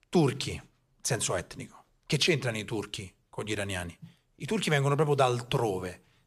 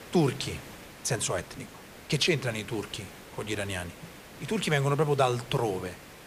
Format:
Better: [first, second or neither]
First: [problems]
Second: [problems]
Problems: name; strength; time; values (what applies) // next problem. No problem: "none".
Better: first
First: none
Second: hiss; noticeable; throughout; 15 dB below the speech